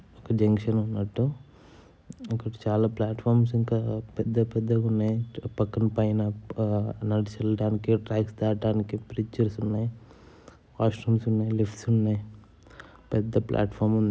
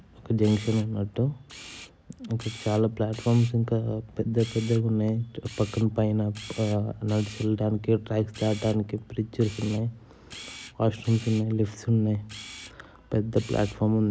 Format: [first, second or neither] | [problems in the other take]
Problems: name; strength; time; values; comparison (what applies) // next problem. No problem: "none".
first | background sound (Camera); 20 dB below the speech